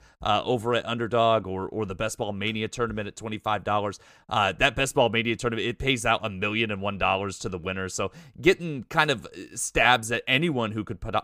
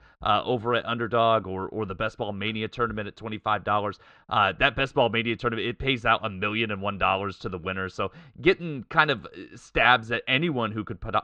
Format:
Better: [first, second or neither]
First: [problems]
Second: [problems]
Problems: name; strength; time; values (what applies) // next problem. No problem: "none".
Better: first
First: none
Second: muffled; slightly; fading above 4 kHz